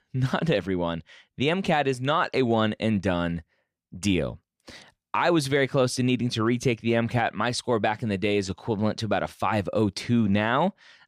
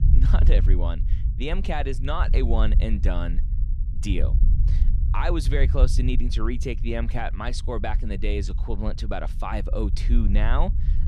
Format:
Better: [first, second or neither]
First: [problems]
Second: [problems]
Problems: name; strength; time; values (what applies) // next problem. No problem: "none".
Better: first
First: none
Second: low rumble; noticeable; throughout; 10 dB below the speech